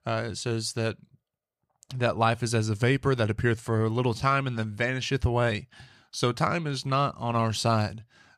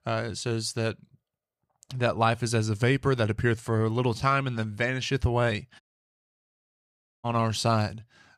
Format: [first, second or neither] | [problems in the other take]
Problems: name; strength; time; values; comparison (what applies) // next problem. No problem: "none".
first | audio cutting out; at 6 s for 1.5 s